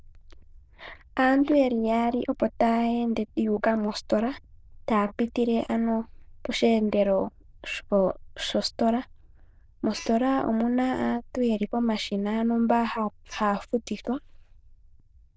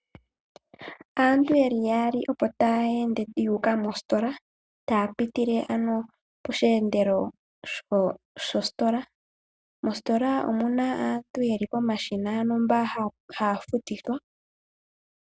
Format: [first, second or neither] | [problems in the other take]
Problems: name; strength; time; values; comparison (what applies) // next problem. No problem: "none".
second | noise reduction (neural diffusion model UNIVERSE++)